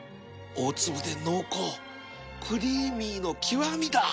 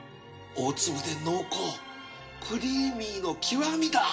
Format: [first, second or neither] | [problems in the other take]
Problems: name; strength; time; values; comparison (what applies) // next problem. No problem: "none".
first | room echo; dies away in 0.4 s